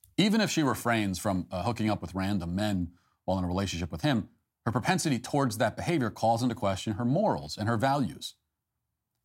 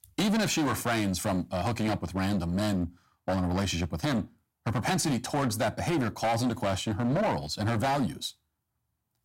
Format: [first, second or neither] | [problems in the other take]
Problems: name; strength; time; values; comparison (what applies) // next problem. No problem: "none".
first | distortion; heavy; 16% of the sound clipped